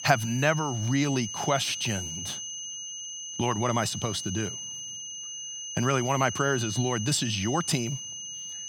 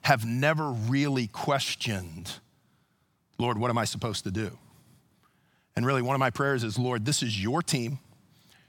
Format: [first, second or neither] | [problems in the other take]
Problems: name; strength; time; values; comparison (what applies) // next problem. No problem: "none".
second | high-pitched whine; loud; throughout; 6 kHz, 7 dB below the speech